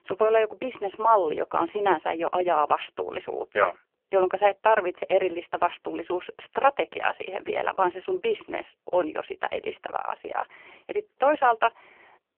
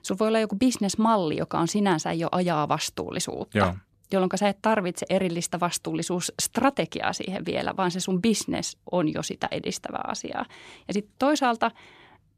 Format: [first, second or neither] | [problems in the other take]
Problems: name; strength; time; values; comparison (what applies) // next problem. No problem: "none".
second | phone-call audio; poor line; nothing above 3 kHz